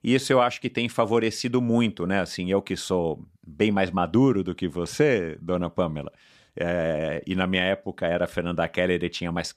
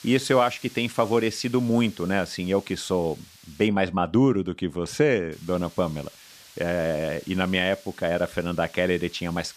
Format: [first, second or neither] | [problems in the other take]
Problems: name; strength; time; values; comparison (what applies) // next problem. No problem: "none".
first | hiss; faint; until 3.5 s and from 5.5 s on; 20 dB below the speech